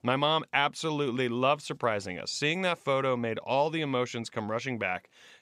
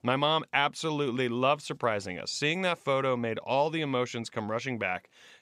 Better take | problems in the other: neither | none

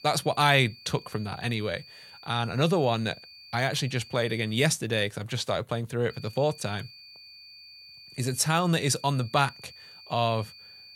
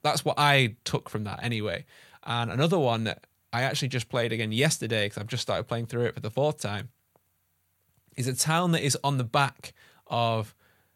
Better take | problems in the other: second | high-pitched whine; noticeable; until 4.5 s and from 6 s on; 4.5 kHz, 20 dB below the speech

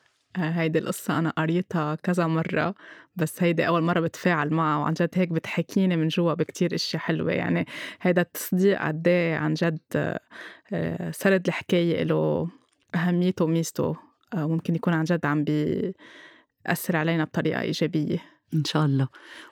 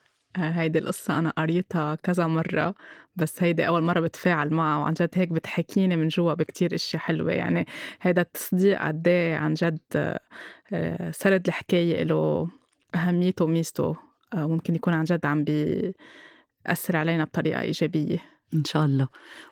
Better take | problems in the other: first | garbled, watery; slightly

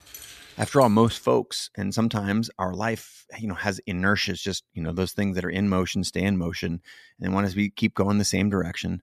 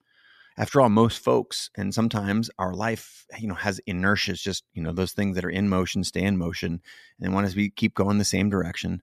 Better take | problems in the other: second | jangling keys; faint; until 1 s; peak 15 dB below the speech

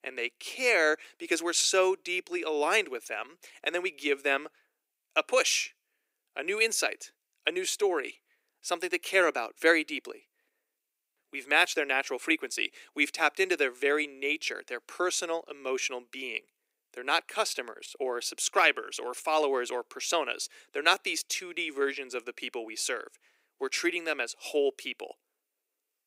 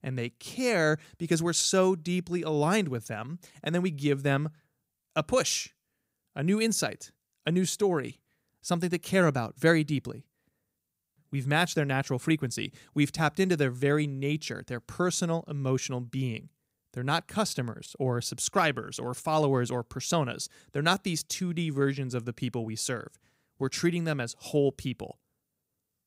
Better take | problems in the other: second | thin; very; fading below 350 Hz

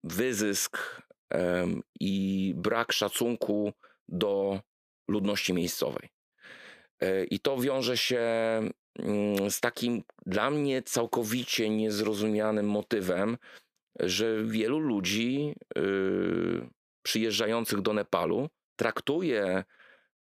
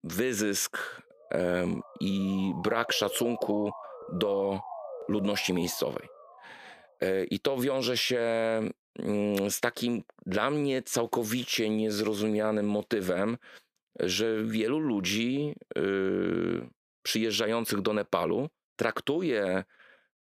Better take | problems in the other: first | siren; faint; from 1 to 6.5 s; peak 10 dB below the speech

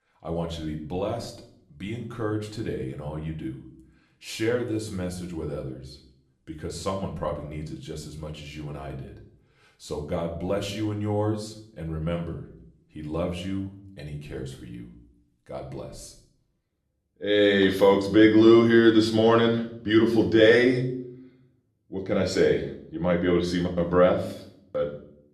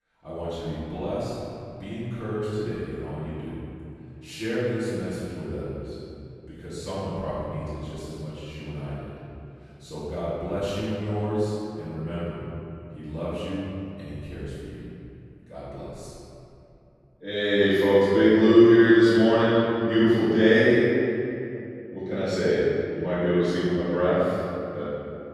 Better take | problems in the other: first | room echo; strong; dies away in 2.5 s; slight in the first // off-mic speech; far; somewhat distant in the first

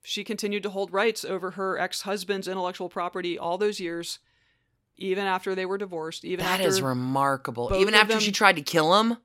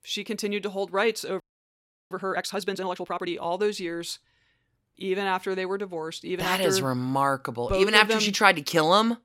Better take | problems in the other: first | audio freezing; at 1.5 s for 0.5 s

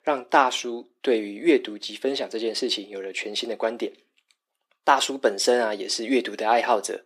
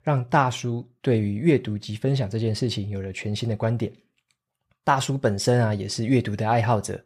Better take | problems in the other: second | thin; somewhat; fading below 300 Hz

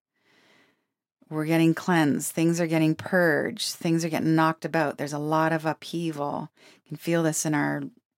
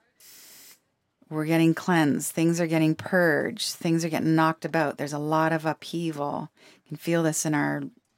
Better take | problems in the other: first | hiss; faint; throughout; 30 dB below the speech

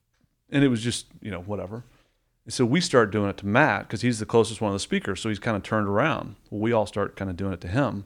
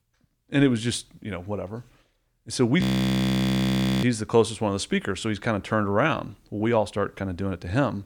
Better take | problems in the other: first | audio freezing; at 3 s for 1 s

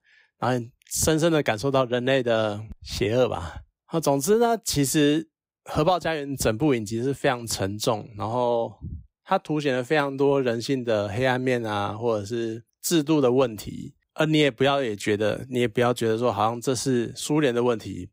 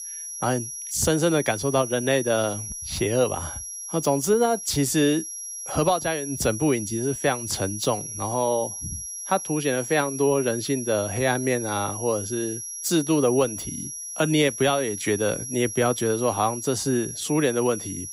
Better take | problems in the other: first | high-pitched whine; loud; throughout; 5.5 kHz, 8 dB below the speech

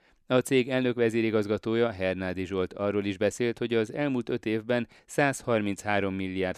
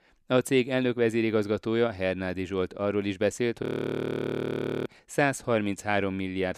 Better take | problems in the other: first | audio freezing; at 3.5 s for 1 s

